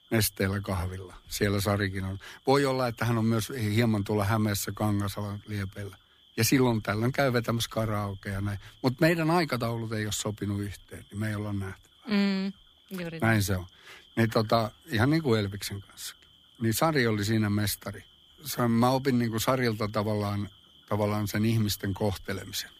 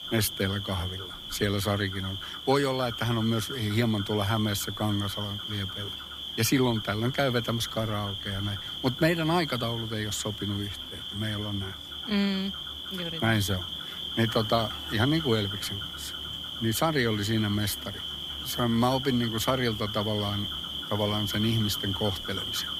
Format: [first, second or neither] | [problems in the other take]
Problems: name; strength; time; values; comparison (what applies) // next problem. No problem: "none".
first | animal sounds; loud; throughout; 5 dB below the speech; faint in the first